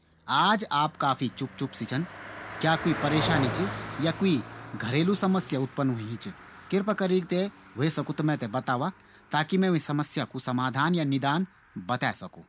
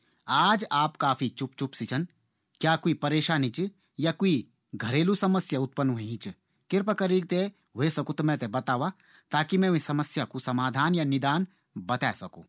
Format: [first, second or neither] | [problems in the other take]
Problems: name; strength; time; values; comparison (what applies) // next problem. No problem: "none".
second | background sound (Car passing by); 12 dB below the speech